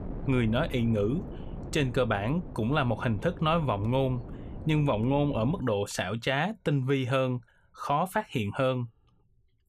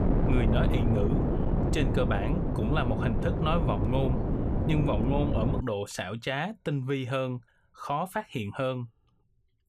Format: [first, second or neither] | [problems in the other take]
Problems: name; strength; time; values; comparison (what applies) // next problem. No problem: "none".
first | wind noise on the microphone; heavy; until 5.5 s; 3 dB below the speech; occasional gusts in the first